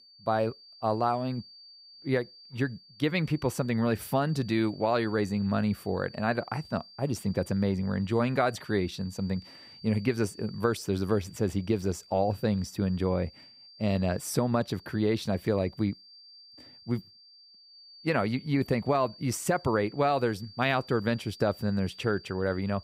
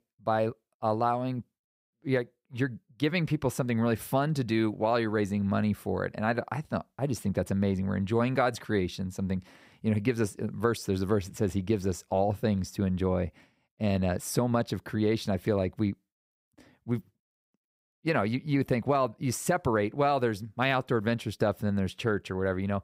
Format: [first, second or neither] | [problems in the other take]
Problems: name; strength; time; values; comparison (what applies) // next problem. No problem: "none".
second | high-pitched whine; faint; throughout; 4.5 kHz, 20 dB below the speech